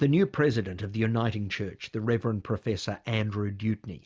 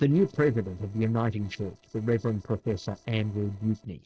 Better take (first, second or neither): first